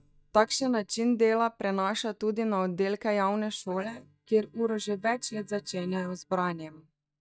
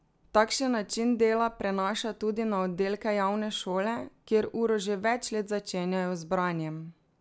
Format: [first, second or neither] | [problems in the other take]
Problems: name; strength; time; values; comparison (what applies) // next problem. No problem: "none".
second | noise reduction (neural mask model DeepFilterNet 3)